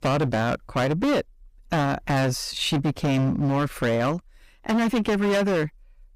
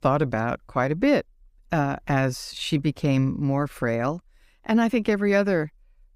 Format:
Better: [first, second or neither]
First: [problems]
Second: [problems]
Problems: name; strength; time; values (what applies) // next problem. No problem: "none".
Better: second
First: distortion; heavy; 21% of the sound clipped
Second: none